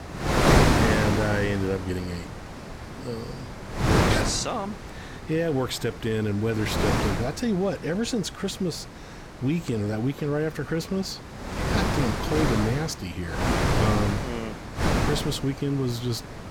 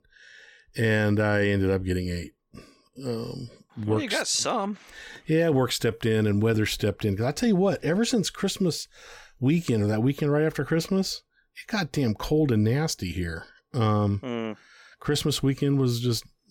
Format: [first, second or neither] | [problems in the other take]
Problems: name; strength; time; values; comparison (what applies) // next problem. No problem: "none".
second | wind noise on the microphone; heavy; 4 dB above the speech